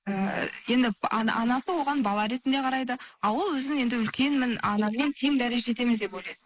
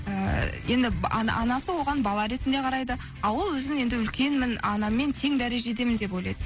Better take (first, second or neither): second